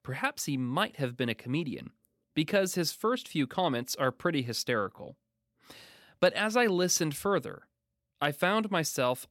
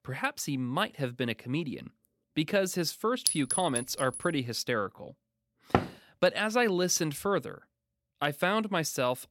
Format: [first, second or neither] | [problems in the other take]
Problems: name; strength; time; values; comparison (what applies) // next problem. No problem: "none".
first | clattering dishes; loud; at 3.5 s; peak 2 dB above the speech // door banging; loud; at 5.5 s; peak level with the speech